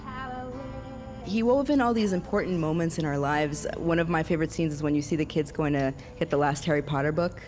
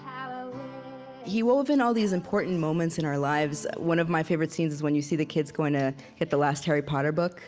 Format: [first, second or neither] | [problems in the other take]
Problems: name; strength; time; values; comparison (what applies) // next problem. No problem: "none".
second | background sound (Insect / Frog); 16 dB below the speech